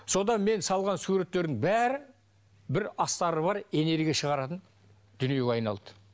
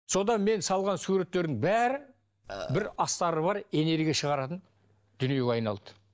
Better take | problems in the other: first | noise reduction (neural mask model DeepFilterNet 3)

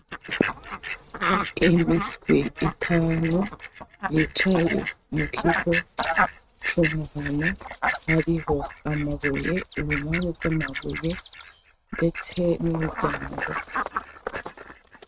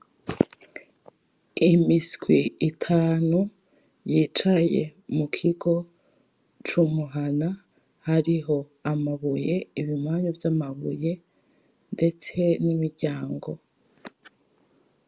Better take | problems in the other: second | noise reduction (neural mask model RNNoise)

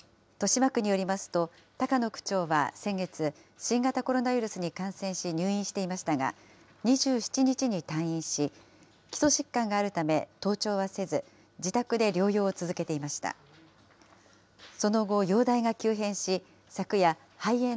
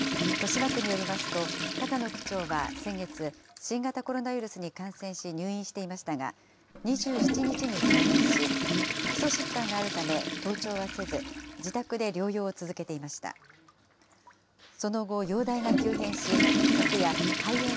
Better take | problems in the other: first | background sound (Toilet flush / Water); 2 dB above the speech

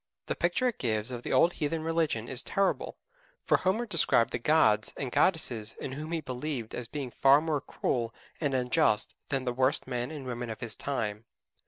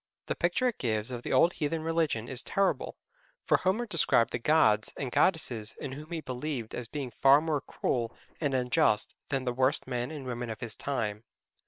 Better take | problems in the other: first | noise reduction (neural separator model SepFormer WHAM!)

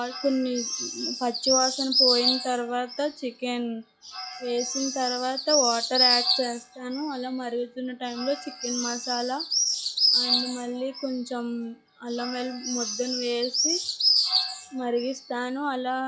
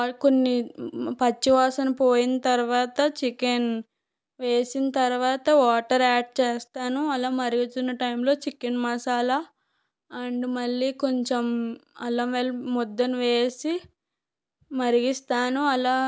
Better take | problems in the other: second | noise reduction (classical method log-MMSE)

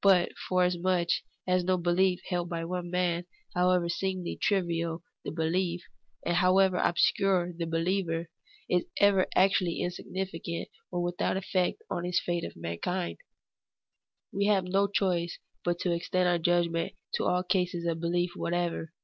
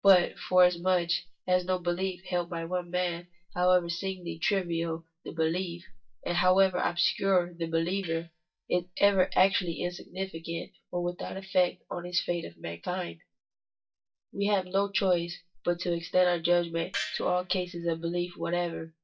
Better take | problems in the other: first | noise reduction (neural mask model DeepFilterNet 3)

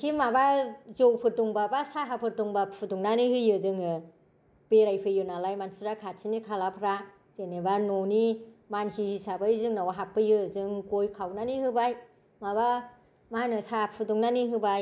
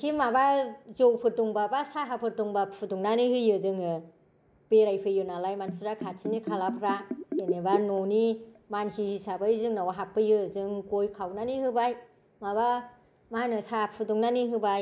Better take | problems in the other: first | background sound (Bathtub (filling or washing)); 7 dB below the speech

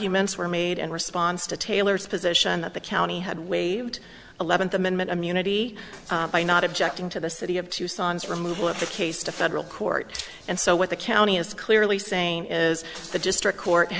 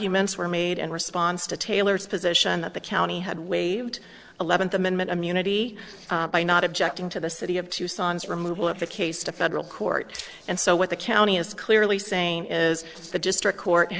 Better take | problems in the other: first | noise reduction (neural separator model SepFormer DNS4)

